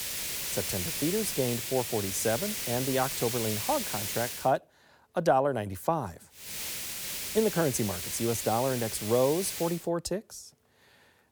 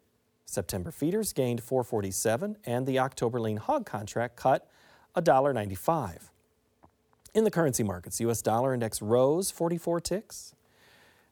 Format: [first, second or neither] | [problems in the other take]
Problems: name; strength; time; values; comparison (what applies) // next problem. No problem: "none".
second | hiss; loud; until 4.5 s and from 6.5 to 9.5 s; 2 dB below the speech